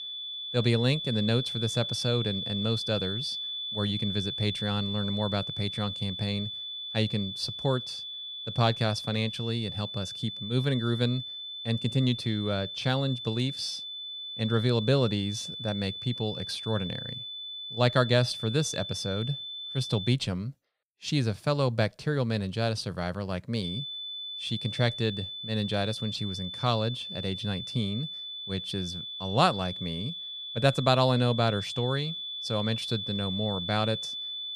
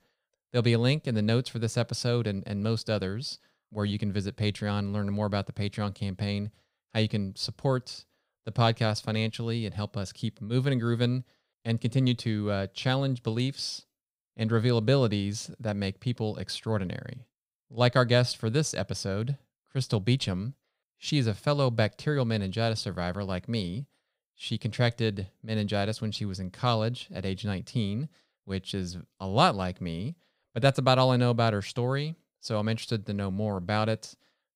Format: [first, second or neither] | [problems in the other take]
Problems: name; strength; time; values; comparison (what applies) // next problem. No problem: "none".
second | high-pitched whine; loud; until 20 s and from 24 s on; 3.5 kHz, 5 dB below the speech